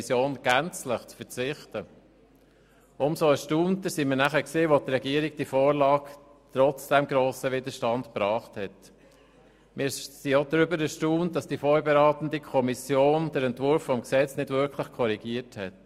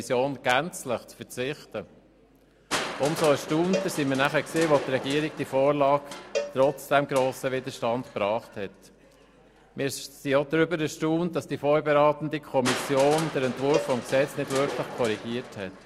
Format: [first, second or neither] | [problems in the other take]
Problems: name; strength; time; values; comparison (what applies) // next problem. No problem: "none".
first | background sound (Cowbell + Crushing); 11 dB below the speech